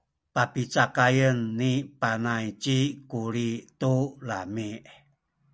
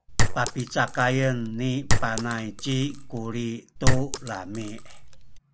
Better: first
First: none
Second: background sound (Chink, clink); 3 dB above the speech

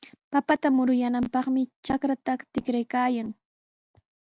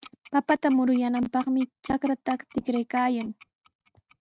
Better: first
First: none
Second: noise reduction (neural mask model RNNoise)

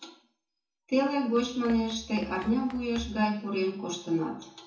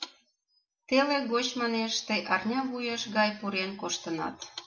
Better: second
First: background sound (Run); 16 dB below the speech // room echo; dies away in 0.6 s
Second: none

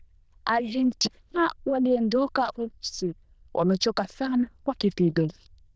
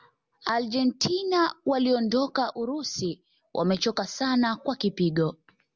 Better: second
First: noise reduction (neural diffusion model UNIVERSE++)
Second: none

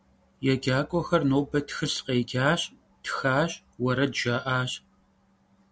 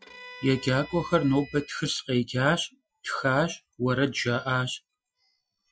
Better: first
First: none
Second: noise reduction (classical method Wiener filter)

